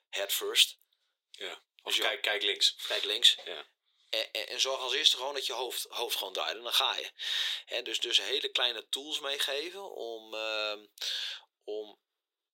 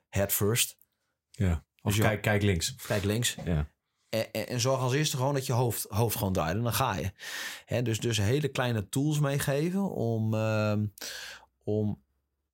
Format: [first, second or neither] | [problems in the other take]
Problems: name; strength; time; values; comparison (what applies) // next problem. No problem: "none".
second | thin; very; fading below 350 Hz